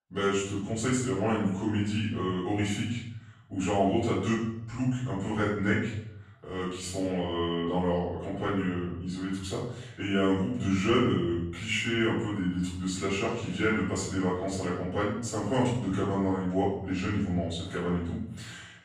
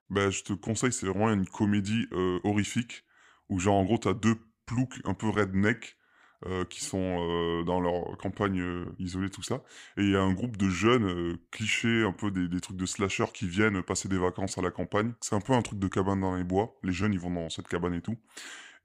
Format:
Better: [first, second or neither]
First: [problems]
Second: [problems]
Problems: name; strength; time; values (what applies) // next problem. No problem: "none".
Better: second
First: off-mic speech; far // room echo; noticeable; dies away in 0.8 s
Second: none